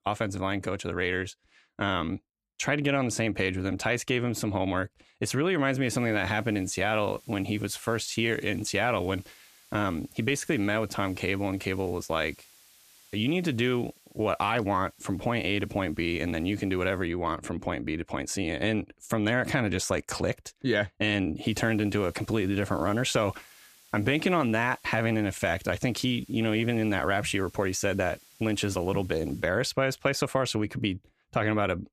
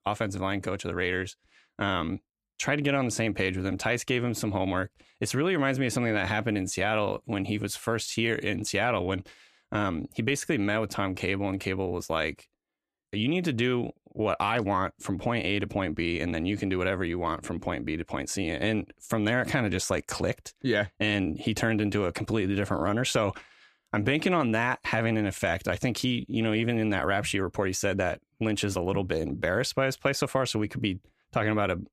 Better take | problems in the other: second | hiss; faint; from 6 to 17 s and from 21 to 29 s; 25 dB below the speech

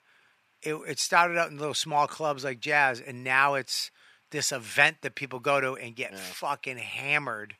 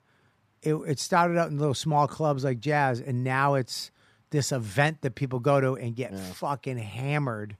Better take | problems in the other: second | thin; somewhat; fading below 1 kHz

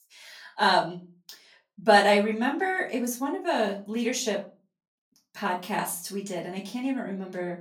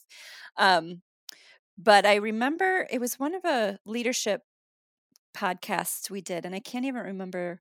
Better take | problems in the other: second | off-mic speech; far // room echo; very slight; dies away in 0.3 s

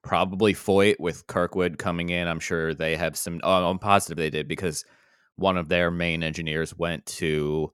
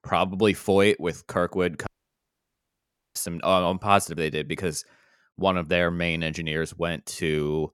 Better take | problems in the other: first | audio cutting out; at 2 s for 1.5 s

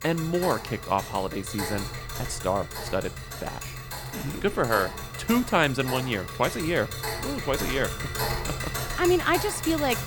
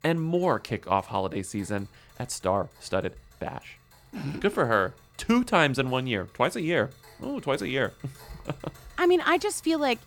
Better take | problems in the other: second | household noises; loud; throughout; 6 dB below the speech; faint in the second

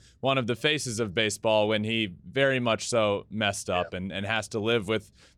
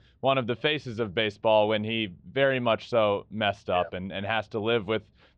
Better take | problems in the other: first | muffled; very; fading above 3.5 kHz

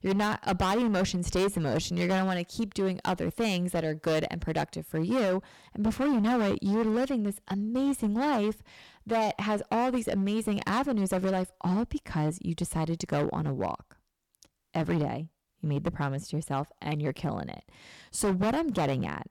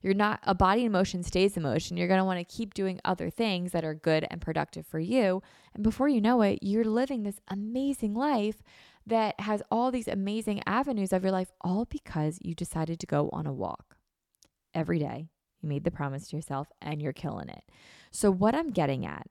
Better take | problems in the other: second | distortion; heavy; 12% of the sound clipped

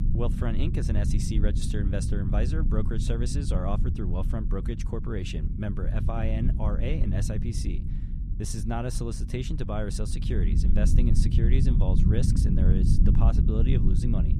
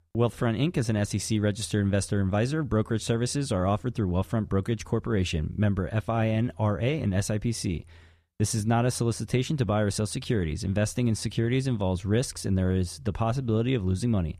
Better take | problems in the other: second | low rumble; loud; throughout; 4 dB below the speech

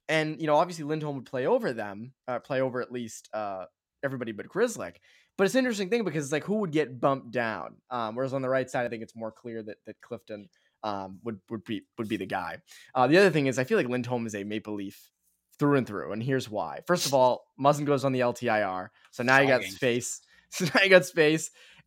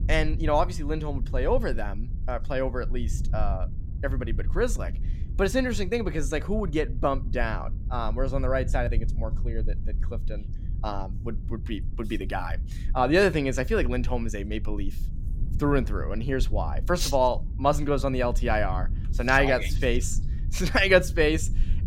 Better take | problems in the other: first | low rumble; faint; throughout; 20 dB below the speech

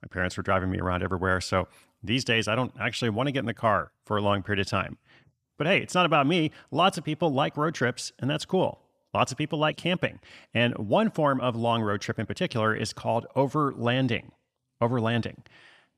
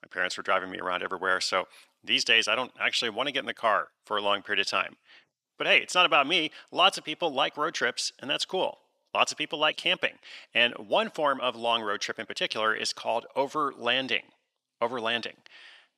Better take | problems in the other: first | thin; somewhat; fading below 400 Hz

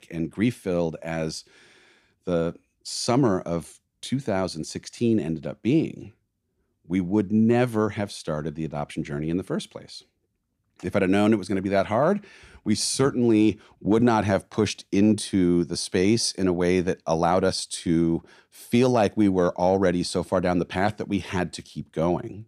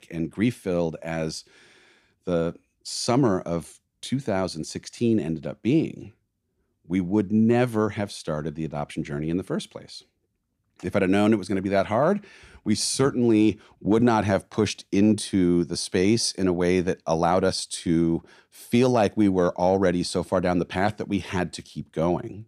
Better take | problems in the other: neither | none

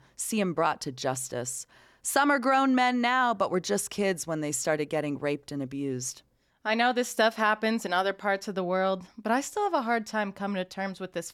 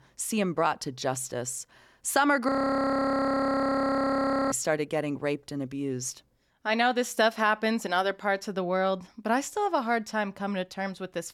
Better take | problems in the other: first | audio freezing; at 2.5 s for 2 s

